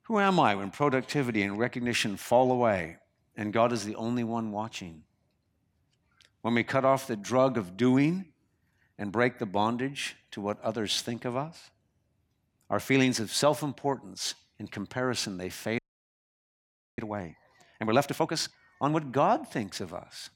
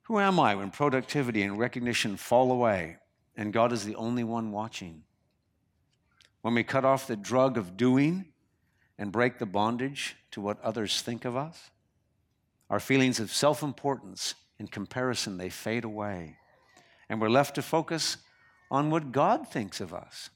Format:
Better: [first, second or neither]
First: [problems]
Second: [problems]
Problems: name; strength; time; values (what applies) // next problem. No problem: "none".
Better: second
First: audio freezing; at 16 s for 1 s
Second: none